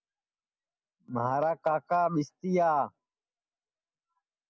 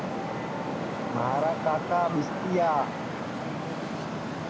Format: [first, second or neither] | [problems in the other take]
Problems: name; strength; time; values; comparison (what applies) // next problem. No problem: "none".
first | background sound (Traffic noise, roadway noise); 1 dB below the speech